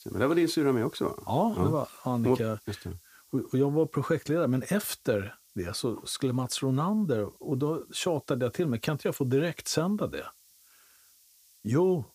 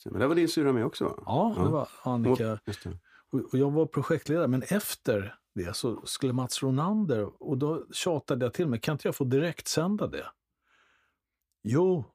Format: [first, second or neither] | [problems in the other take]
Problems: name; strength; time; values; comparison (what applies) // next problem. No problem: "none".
second | hiss; faint; throughout; 25 dB below the speech